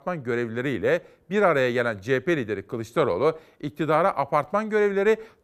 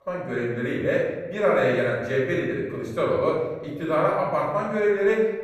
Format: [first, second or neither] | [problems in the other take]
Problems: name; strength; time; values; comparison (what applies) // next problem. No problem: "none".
first | off-mic speech; far // room echo; noticeable; dies away in 1.1 s